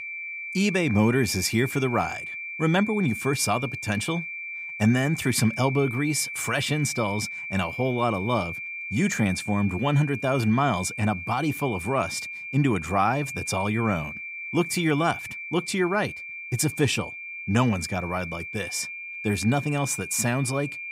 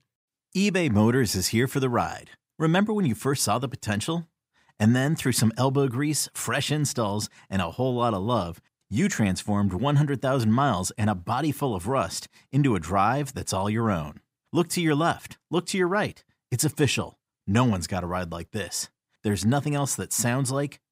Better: second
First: high-pitched whine; loud; throughout; 2.5 kHz, 8 dB below the speech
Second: none

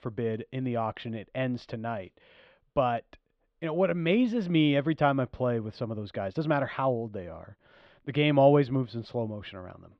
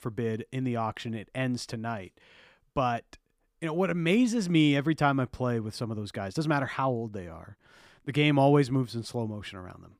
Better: second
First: muffled; slightly; fading above 3.5 kHz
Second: none

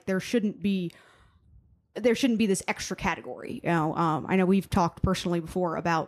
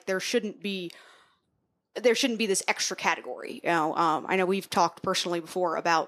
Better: first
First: none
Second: thin; somewhat; fading below 350 Hz

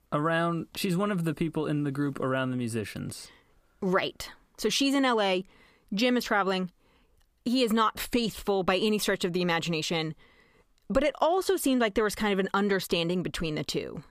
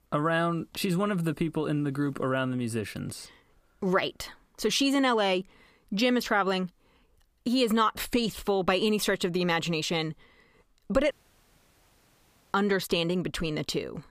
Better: first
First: none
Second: audio cutting out; at 11 s for 1.5 s

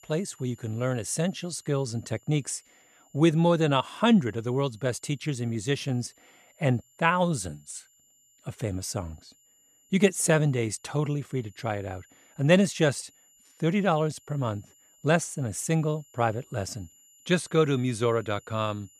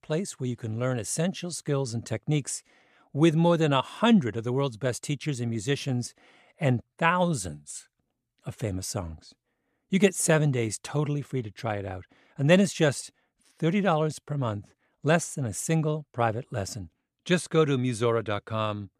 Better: second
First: high-pitched whine; faint; throughout; 7 kHz, 30 dB below the speech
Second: none

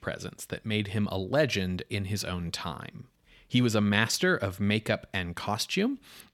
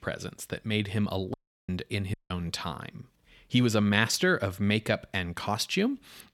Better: first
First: none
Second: audio cutting out; at 1.5 s and at 2 s

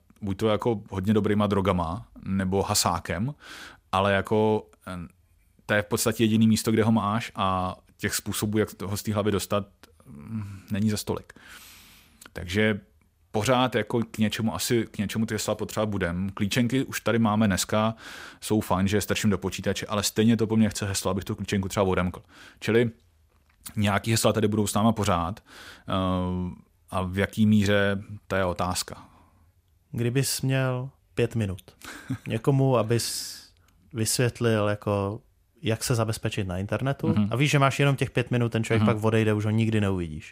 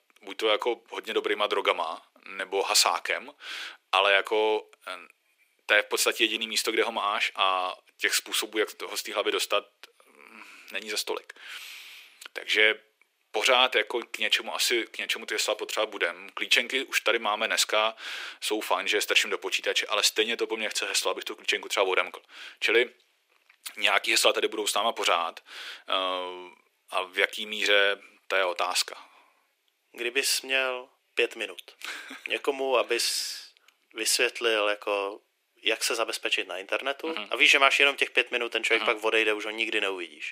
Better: first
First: none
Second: thin; very; fading below 350 Hz

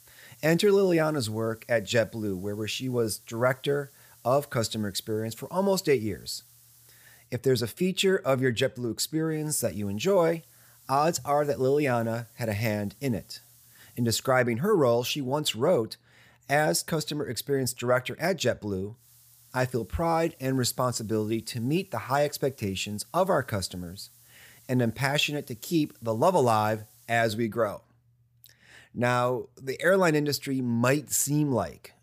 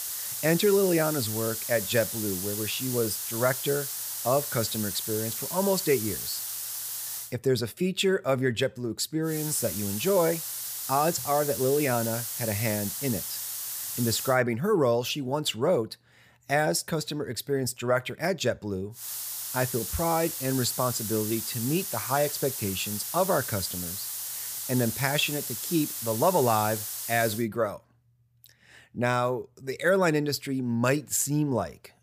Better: first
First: hiss; faint; until 7.5 s, from 9.5 to 14 s and from 19 to 27 s; 25 dB below the speech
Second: hiss; loud; until 7.5 s, from 9.5 to 14 s and from 19 to 27 s; 4 dB below the speech

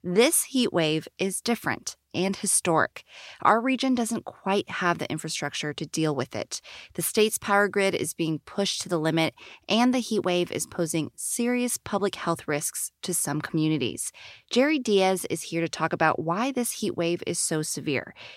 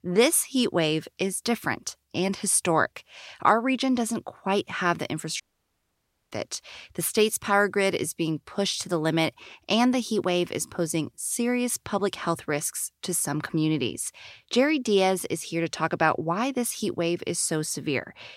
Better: first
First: none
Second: audio cutting out; at 5.5 s for 1 s

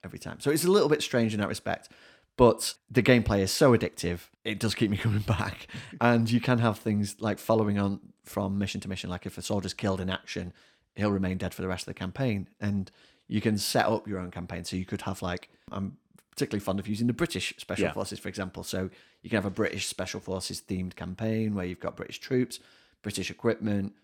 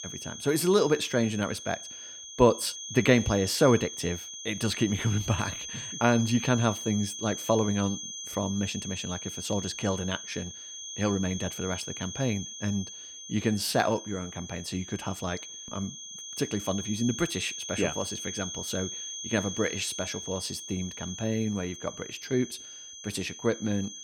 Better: first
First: none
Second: high-pitched whine; loud; throughout; 6.5 kHz, 8 dB below the speech

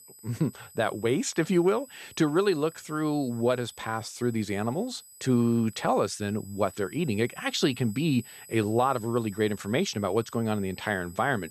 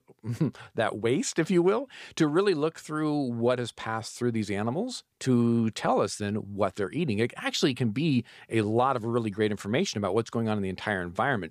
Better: second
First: high-pitched whine; noticeable; throughout; 8 kHz, 20 dB below the speech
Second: none

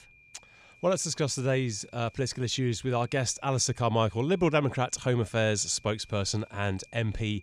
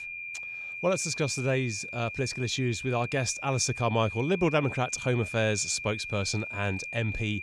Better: first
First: high-pitched whine; faint; throughout; 2.5 kHz, 30 dB below the speech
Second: high-pitched whine; loud; throughout; 2.5 kHz, 7 dB below the speech

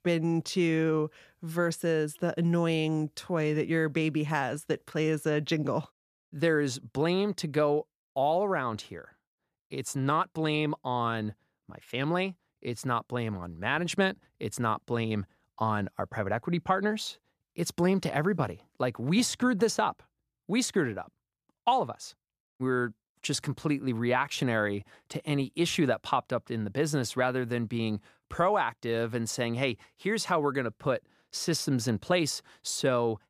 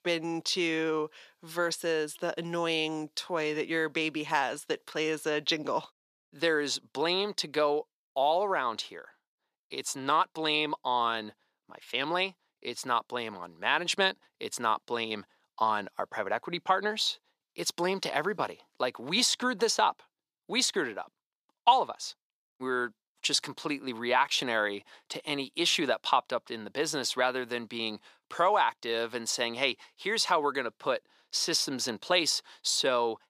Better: first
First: none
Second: thin; somewhat; fading below 350 Hz

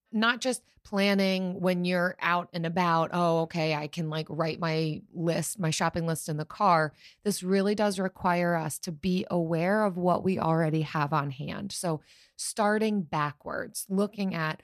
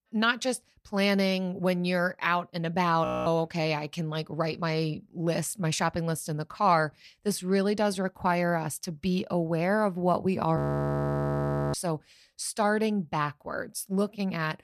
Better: first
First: none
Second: audio freezing; at 3 s and at 11 s for 1 s

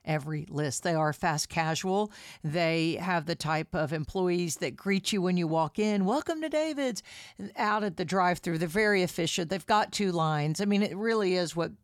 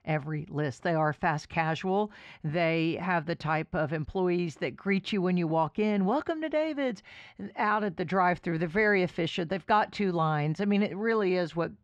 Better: first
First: none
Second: muffled; slightly; fading above 2.5 kHz

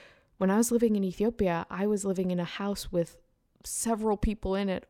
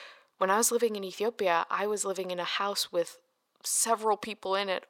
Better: first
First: none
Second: thin; very; fading below 600 Hz

